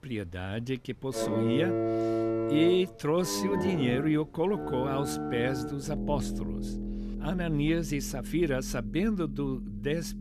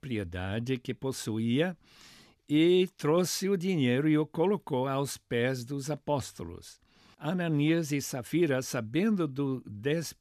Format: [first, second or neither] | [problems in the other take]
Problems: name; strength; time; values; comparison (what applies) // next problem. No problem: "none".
second | background music; loud; throughout; 3 dB below the speech